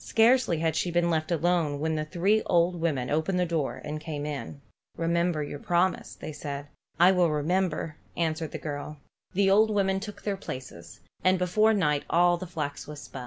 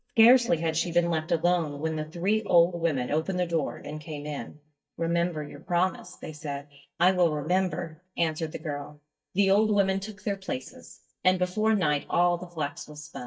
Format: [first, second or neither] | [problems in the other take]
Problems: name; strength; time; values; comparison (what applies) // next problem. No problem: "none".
first | noise reduction (neural mask model DeepFilterNet 3)